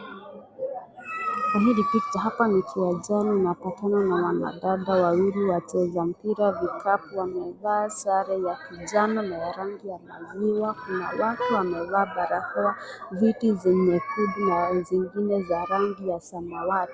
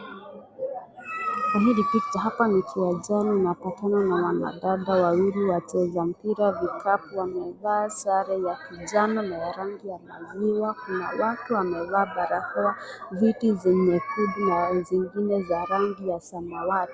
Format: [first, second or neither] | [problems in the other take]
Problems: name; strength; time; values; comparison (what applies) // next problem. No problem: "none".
second | background sound (Vehicle horn, car horn, honking); 9 dB below the speech